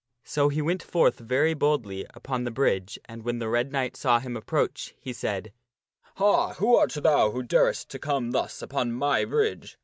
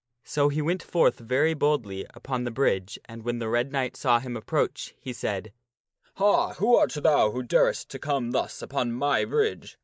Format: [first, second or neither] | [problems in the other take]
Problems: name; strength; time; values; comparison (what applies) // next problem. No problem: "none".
first | noise reduction (neural mask model Resemble Enhance denoiser)